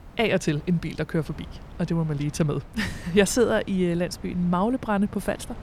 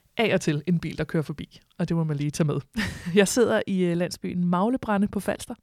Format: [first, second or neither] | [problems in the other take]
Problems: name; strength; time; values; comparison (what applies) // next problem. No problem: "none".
second | wind noise on the microphone; occasional gusts; 20 dB below the speech